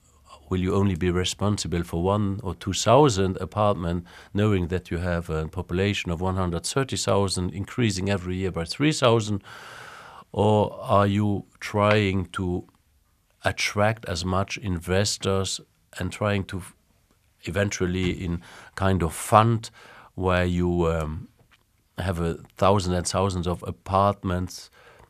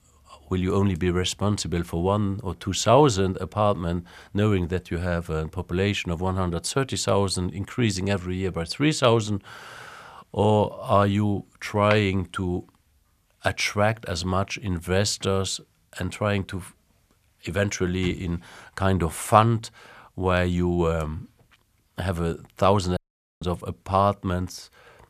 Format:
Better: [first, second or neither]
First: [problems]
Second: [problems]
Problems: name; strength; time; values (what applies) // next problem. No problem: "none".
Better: first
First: none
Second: audio cutting out; at 23 s